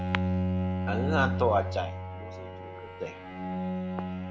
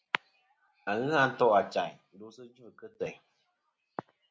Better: second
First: background sound (Bowed string instrument); 2 dB above the speech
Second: none

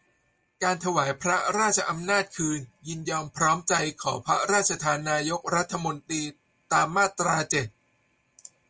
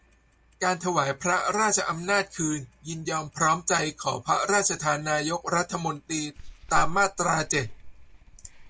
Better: first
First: none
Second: background sound (Clock); 12 dB below the speech

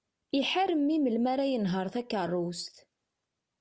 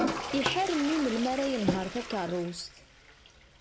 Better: first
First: none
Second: background sound (Toilet flush); 4 dB below the speech

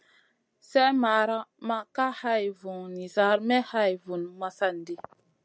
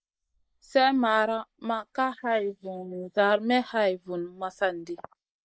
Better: first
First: none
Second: noise reduction (neural mask model Resemble Enhance denoiser)

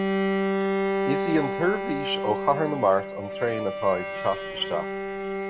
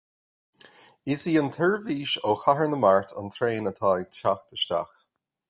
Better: second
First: background sound (Bowed string instrument); as loud as the speech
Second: none

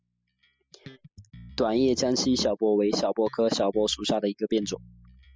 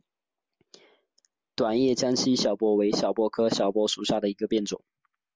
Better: second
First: noise reduction (classical method spectral subtraction)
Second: none

